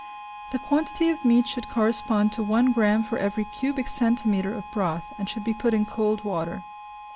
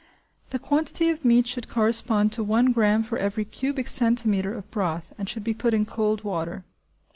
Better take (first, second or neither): second